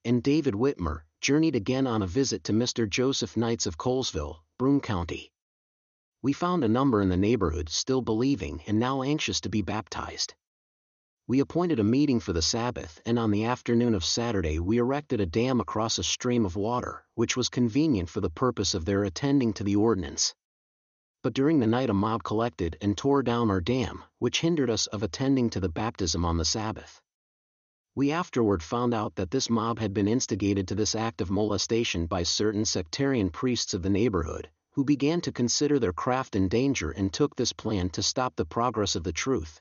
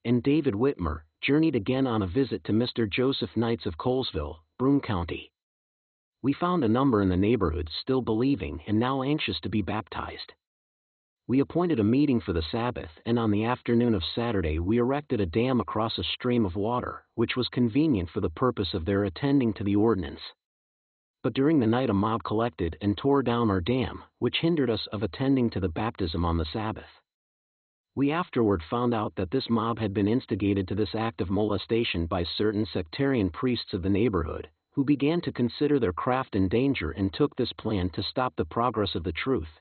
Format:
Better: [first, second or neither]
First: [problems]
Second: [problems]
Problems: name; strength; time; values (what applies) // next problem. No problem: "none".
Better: first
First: garbled, watery; slightly; nothing above 6.5 kHz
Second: garbled, watery; badly; nothing above 4 kHz